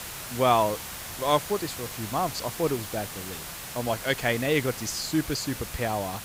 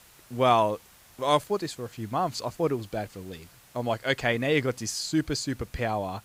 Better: second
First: hiss; loud; throughout; 8 dB below the speech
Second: hiss; faint; throughout; 25 dB below the speech

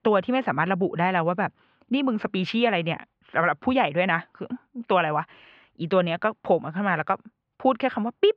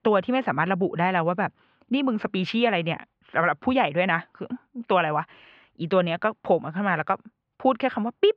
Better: neither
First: muffled; very; fading above 3 kHz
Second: muffled; very; fading above 3 kHz

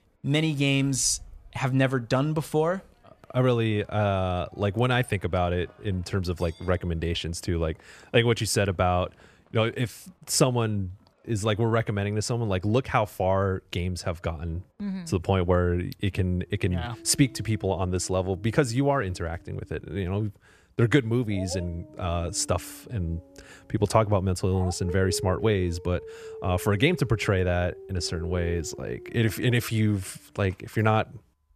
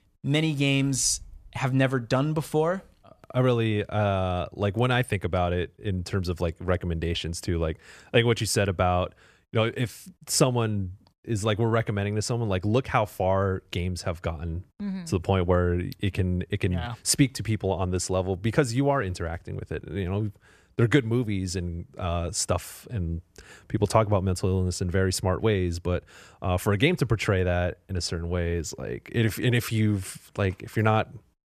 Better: second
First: animal sounds; noticeable; throughout; 15 dB below the speech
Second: none

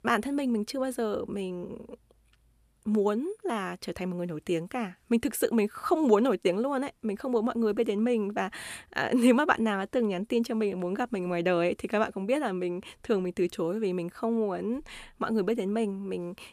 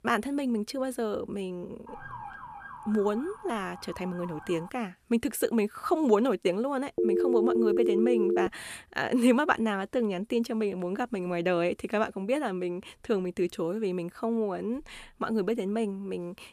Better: first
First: none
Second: siren; faint; from 2 to 4.5 s; peak 10 dB below the speech // phone ringing; loud; from 7 to 8.5 s; peak 4 dB above the speech

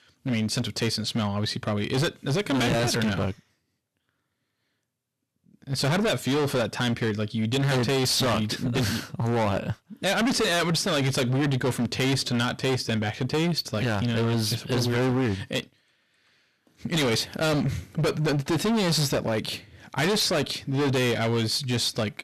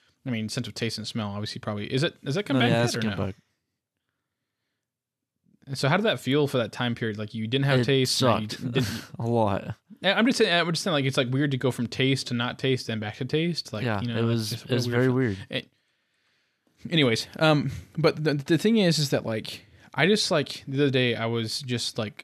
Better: second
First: distortion; heavy; 21% of the sound clipped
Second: none

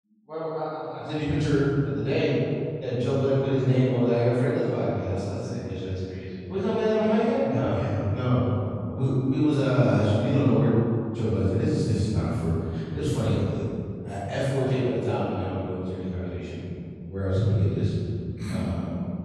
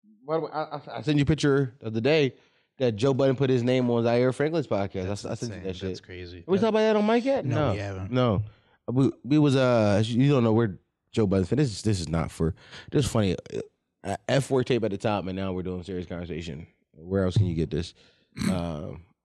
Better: second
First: room echo; strong; dies away in 2.4 s // off-mic speech; far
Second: none

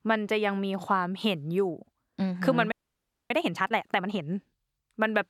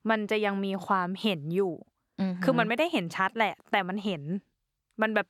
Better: second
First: audio freezing; at 2.5 s for 0.5 s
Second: none

